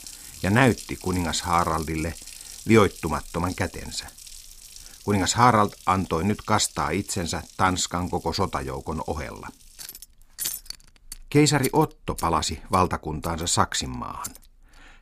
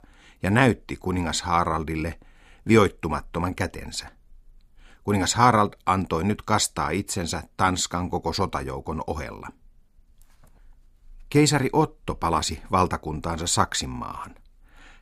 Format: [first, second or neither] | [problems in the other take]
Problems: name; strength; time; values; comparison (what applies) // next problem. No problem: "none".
second | household noises; noticeable; throughout; 15 dB below the speech